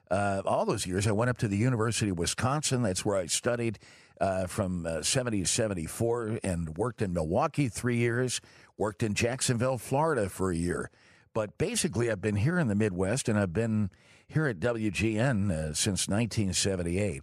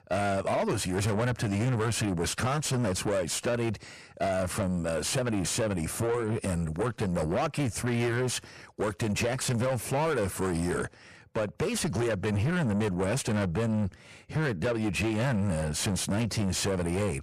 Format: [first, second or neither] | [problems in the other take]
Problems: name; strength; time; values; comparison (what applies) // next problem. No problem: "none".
first | distortion; heavy; 8 dB below the speech